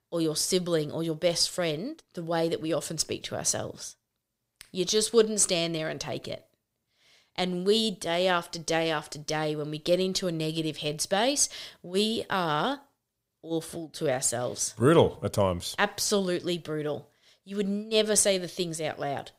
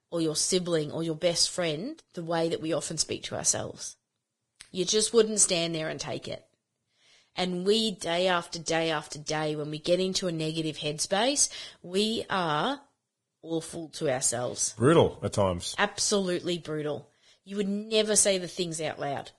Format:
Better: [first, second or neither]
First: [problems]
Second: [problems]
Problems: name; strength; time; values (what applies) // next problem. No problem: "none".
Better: first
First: none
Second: garbled, watery; badly; nothing above 10 kHz